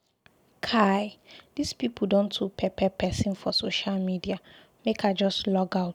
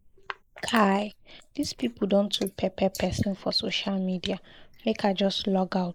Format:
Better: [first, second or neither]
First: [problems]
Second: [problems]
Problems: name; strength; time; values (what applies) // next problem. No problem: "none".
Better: first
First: none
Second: noise reduction (neural mask model Resemble Enhance denoiser)